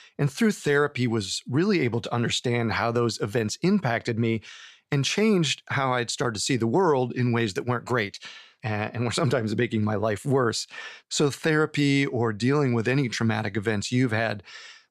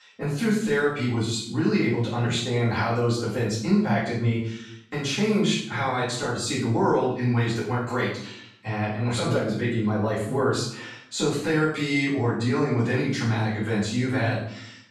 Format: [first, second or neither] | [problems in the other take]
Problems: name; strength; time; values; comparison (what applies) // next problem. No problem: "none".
first | room echo; noticeable; dies away in 0.6 s // off-mic speech; far